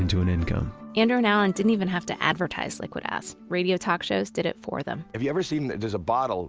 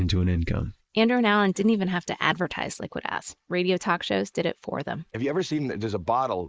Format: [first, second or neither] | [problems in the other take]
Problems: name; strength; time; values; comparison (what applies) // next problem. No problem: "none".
first | noise reduction (neural mask model Resemble Enhance denoiser)